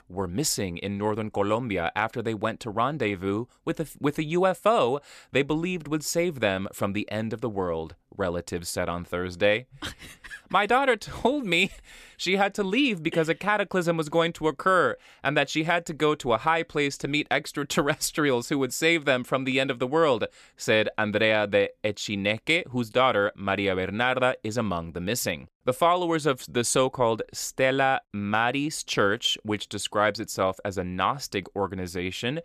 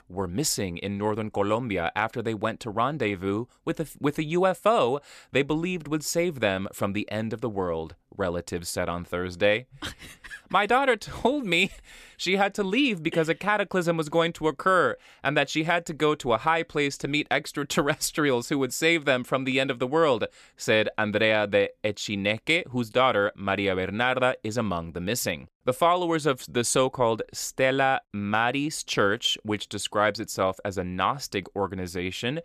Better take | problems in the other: neither | none

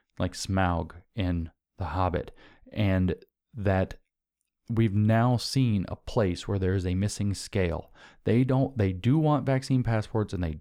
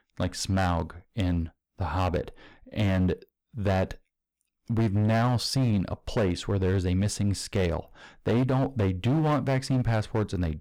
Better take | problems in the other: first | distortion; slight; 11% of the sound clipped

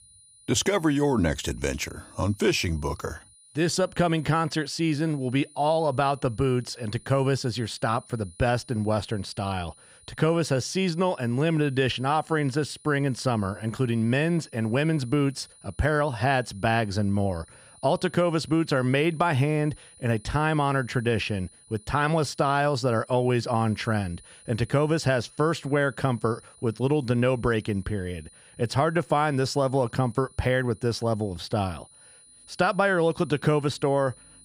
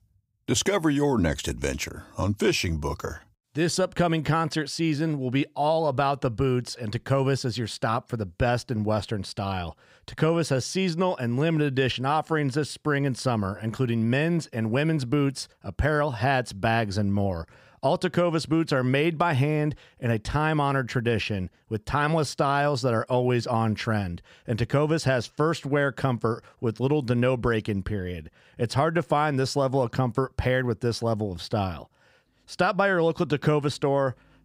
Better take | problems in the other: second | high-pitched whine; faint; throughout; 9.5 kHz, 25 dB below the speech

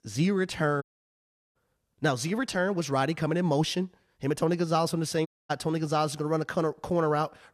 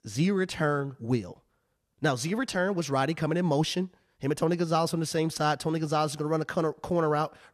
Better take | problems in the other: second | audio cutting out; at 1 s for 0.5 s and at 5.5 s

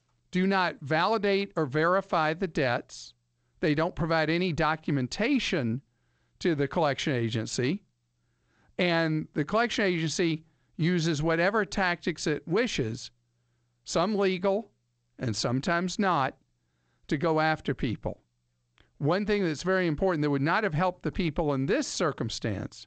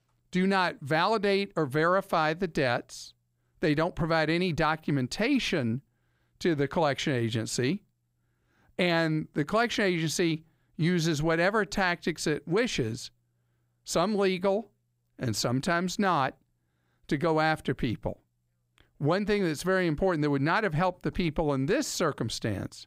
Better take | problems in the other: second | garbled, watery; slightly; nothing above 7.5 kHz

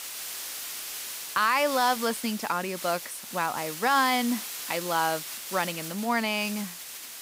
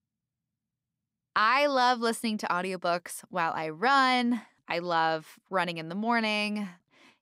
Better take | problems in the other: second | hiss; loud; throughout; 7 dB below the speech

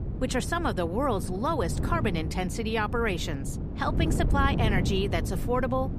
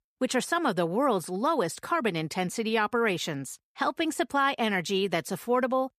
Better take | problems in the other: second | wind noise on the microphone; occasional gusts; 10 dB below the speech

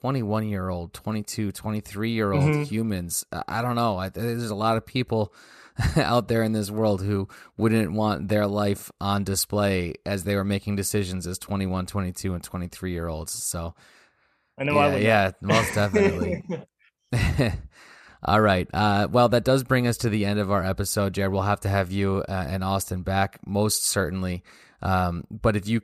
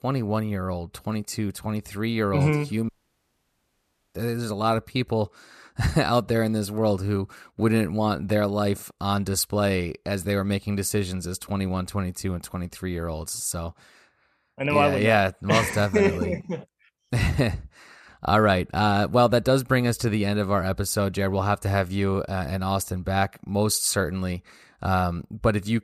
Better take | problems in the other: first | audio cutting out; at 3 s for 1 s

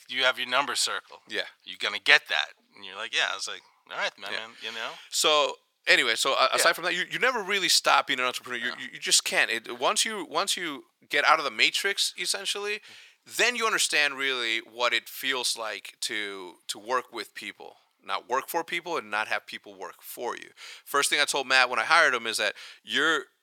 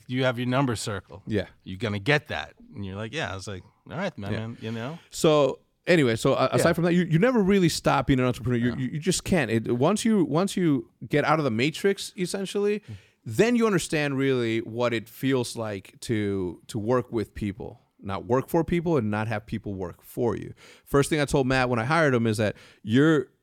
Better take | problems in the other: second | thin; very; fading below 950 Hz

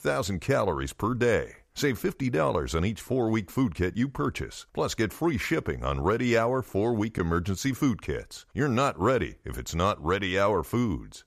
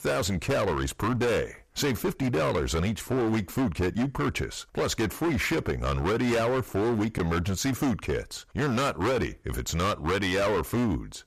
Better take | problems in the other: first | distortion; heavy; 21% of the sound clipped

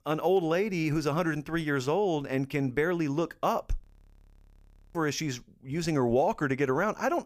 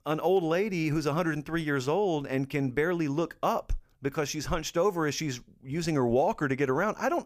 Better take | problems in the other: second | audio freezing; at 4 s for 1 s

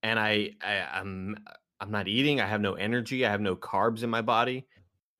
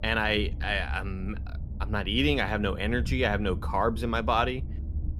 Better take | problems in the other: first | low rumble; faint; throughout; 20 dB below the speech

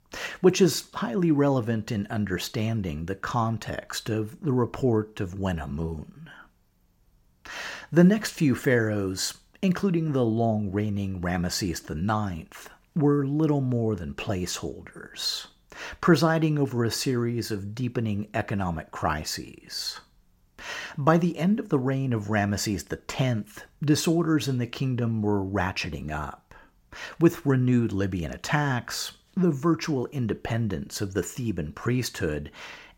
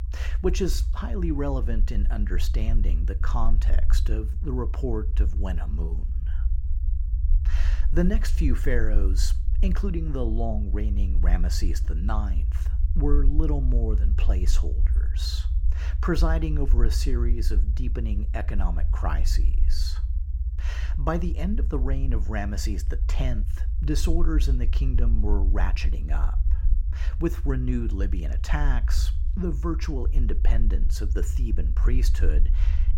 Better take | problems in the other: first | low rumble; noticeable; throughout; 15 dB below the speech

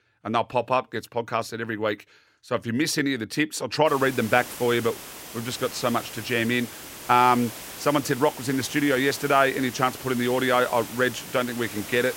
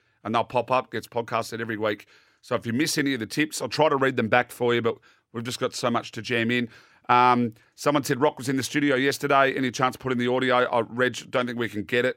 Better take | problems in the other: second | hiss; noticeable; from 4 s on; 15 dB below the speech

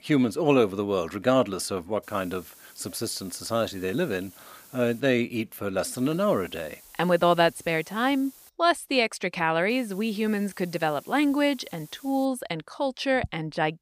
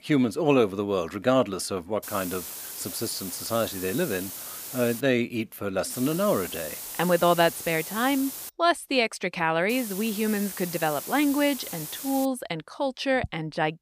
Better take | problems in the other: first | hiss; loud; from 2 to 5 s, from 6 to 8.5 s and from 9.5 to 12 s; 9 dB below the speech; faint in the first

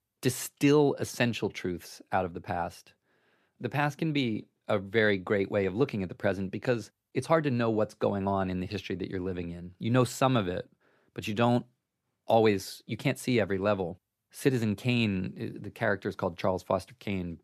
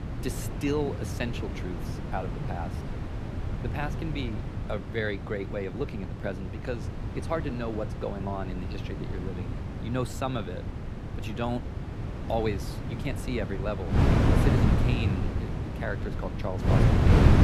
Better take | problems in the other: first | wind noise on the microphone; heavy; 2 dB below the speech

